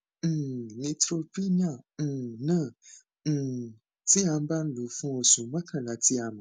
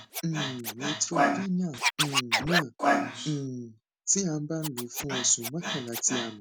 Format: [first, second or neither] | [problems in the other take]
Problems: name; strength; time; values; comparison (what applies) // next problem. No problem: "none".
first | background sound (Scratching (performance technique)); 1 dB above the speech